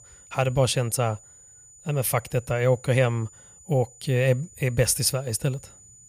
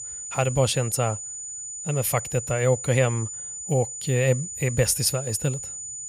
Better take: first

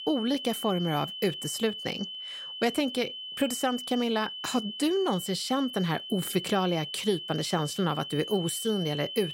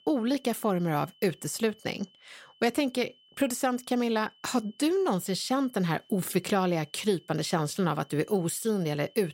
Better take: second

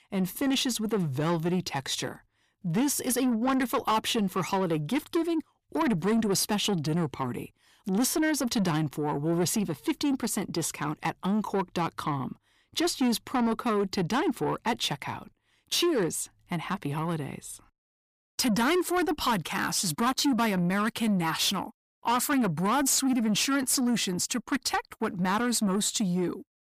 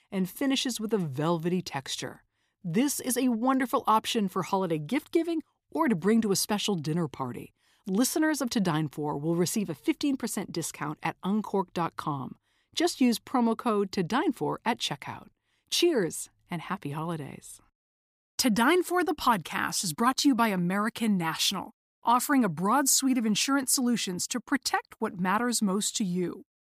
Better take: second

